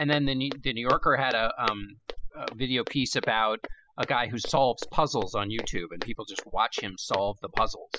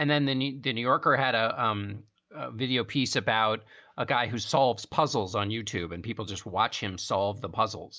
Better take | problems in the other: second | noise reduction (classical method spectral subtraction)

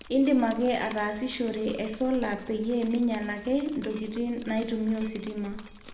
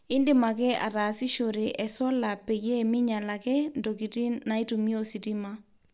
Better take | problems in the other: second | background sound (Drip); 18 dB below the speech // room echo; dies away in 0.8 s

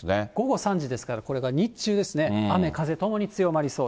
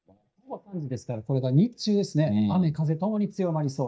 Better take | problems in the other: first | noise reduction (neural mask model DeepFilterNet 3)

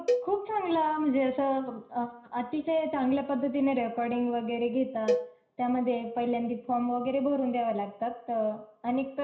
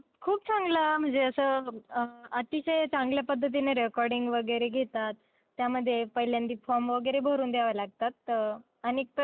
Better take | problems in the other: second | background sound (Cowbell); 6 dB below the speech // room echo; dies away in 0.5 s

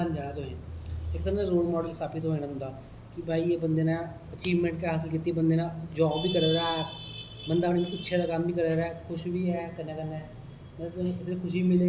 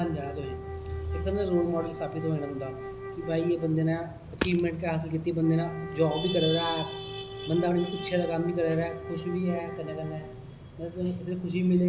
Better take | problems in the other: first | background sound (Wind instrument, woodwind instrument + Hammer); 12 dB below the speech

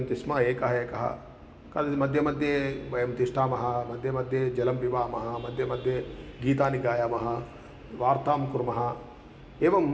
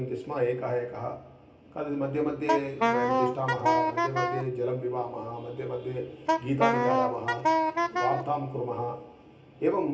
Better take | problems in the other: first | background sound (Wind instrument, woodwind instrument); 4 dB above the speech // room echo; dies away in 0.3 s

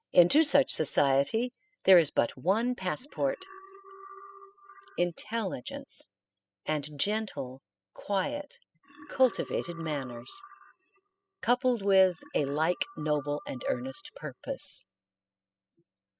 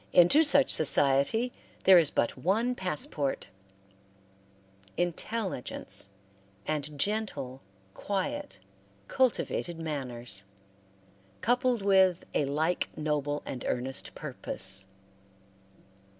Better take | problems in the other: second | noise reduction (classical method spectral subtraction)

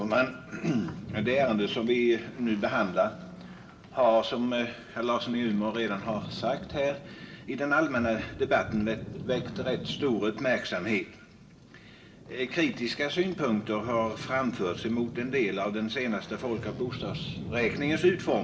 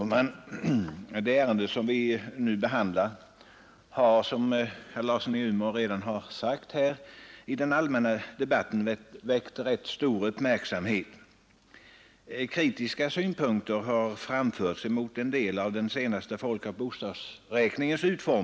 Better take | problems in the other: second | background sound (Boat, Water vehicle); 12 dB below the speech // room echo; dies away in 0.4 s

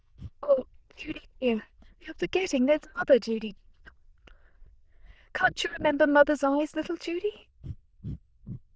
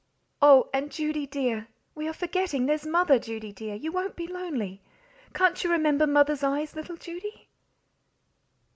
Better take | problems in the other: second | noise reduction (neural diffusion model UNIVERSE++)

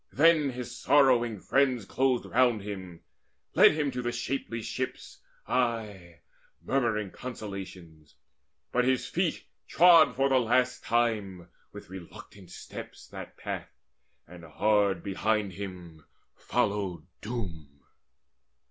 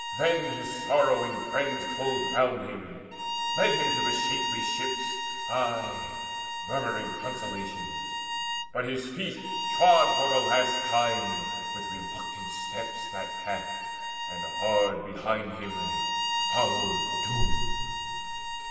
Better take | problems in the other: first | background sound (Bowed string instrument); 2 dB below the speech // room echo; dies away in 2.3 s

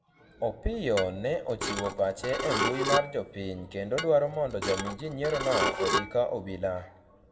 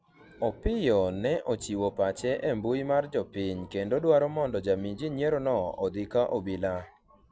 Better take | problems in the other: second | background sound (Dishes, pots, and pans / Glass); 3 dB below the speech // room echo; dies away in 1.2 s

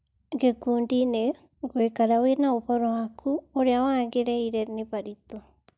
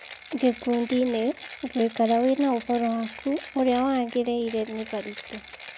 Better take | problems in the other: first | background sound (Mechanisms); 17 dB below the speech

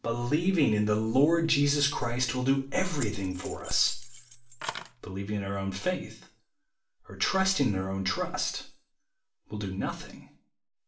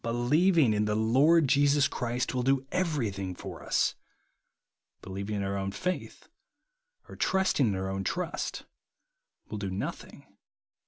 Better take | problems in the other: second | background sound (Keys jangling); 9 dB below the speech // room echo; dies away in 0.4 s

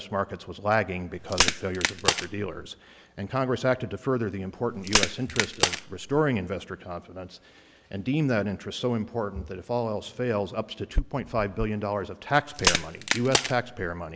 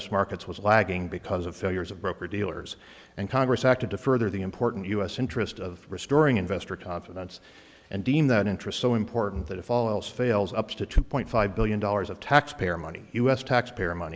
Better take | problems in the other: second | background sound (Crack); 1 dB above the speech

